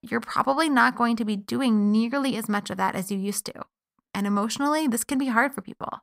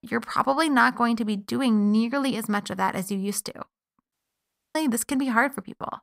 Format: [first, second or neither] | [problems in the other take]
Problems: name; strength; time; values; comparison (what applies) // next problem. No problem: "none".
first | audio cutting out; at 4 s for 0.5 s